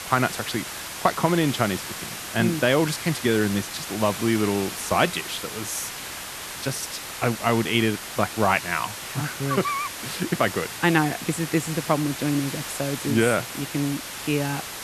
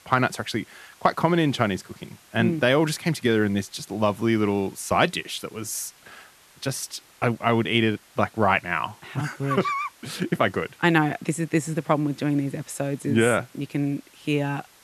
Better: second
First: hiss; loud; throughout; 7 dB below the speech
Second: hiss; faint; throughout; 25 dB below the speech

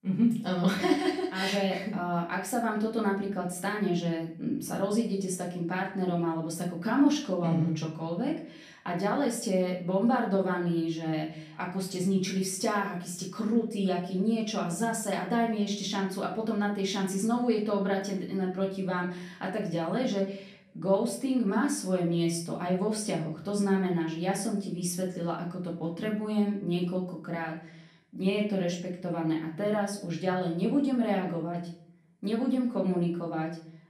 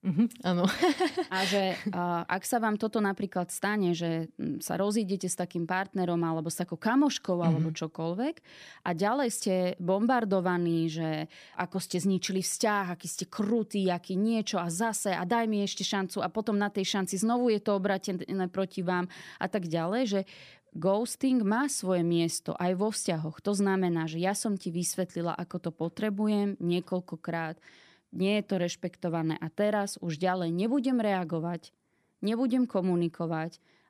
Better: second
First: room echo; slight; dies away in 0.5 s // off-mic speech; far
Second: none

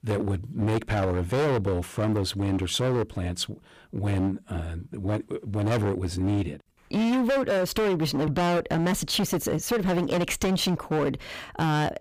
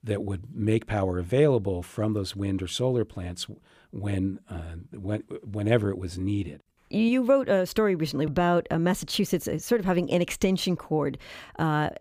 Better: second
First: distortion; heavy; 20% of the sound clipped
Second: none

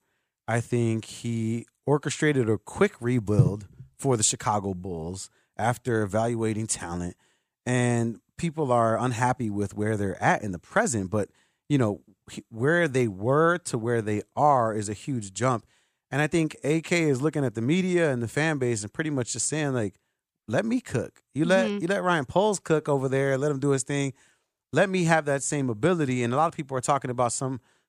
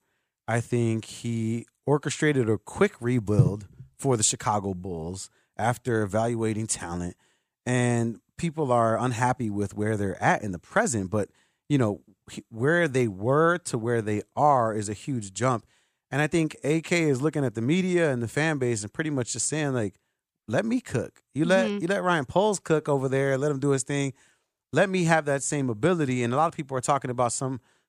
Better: neither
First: none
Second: none

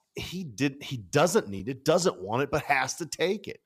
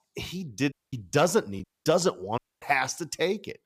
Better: first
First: none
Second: audio cutting out; at 0.5 s, at 1.5 s and at 2.5 s

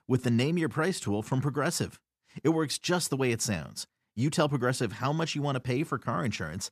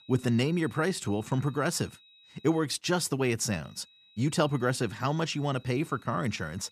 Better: first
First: none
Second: high-pitched whine; faint; until 2.5 s and from 3.5 s on; 4 kHz, 25 dB below the speech

